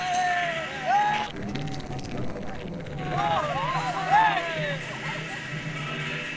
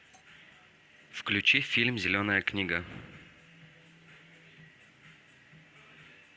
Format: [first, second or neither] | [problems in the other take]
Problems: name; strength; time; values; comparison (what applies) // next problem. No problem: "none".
second | noise reduction (neural separator model SepFormer DNS4)